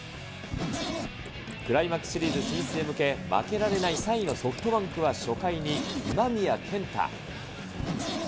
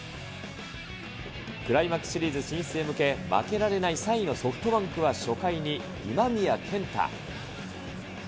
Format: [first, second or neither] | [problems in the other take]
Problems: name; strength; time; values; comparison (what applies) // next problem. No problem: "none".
second | background sound (Zipper (clothing)); 8 dB below the speech